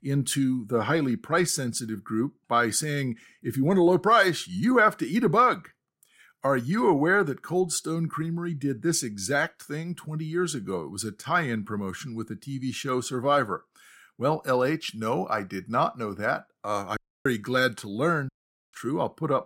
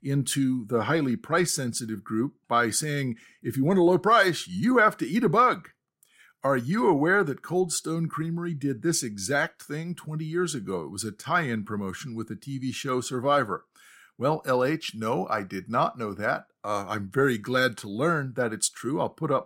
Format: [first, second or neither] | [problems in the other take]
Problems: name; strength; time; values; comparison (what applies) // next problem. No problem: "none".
second | audio cutting out; at 17 s and at 18 s